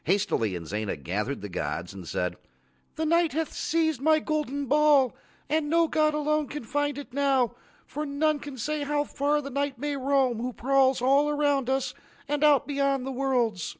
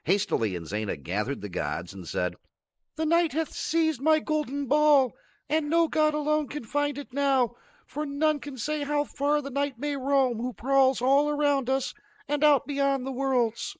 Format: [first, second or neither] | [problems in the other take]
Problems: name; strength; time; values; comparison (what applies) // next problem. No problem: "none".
first | noise reduction (neural mask model Resemble Enhance denoiser)